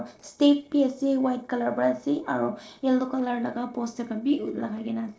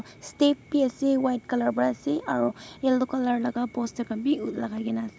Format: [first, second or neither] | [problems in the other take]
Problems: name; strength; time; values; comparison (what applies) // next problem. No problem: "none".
second | noise reduction (neural separator model SepFormer DNS4)